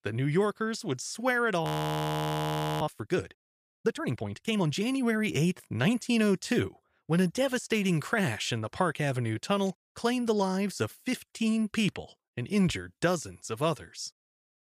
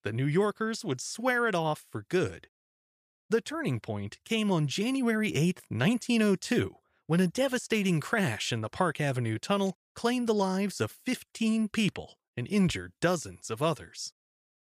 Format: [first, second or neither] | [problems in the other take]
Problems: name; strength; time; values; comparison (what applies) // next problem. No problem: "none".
second | audio freezing; at 1.5 s for 1 s